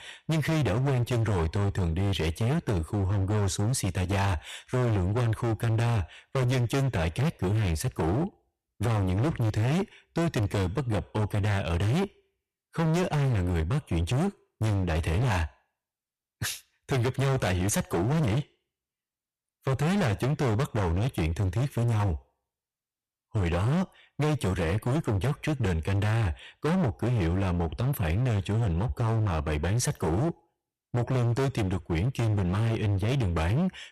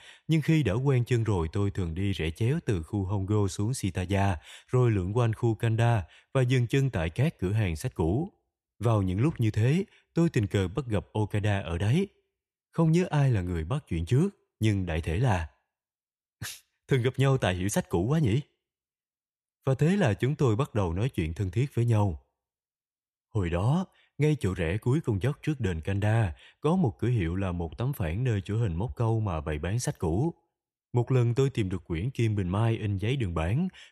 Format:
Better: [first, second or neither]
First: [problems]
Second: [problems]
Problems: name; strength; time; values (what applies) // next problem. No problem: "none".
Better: second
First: distortion; heavy; 30% of the sound clipped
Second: none